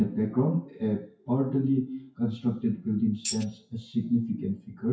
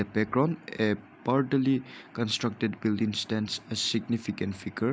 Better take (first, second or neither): second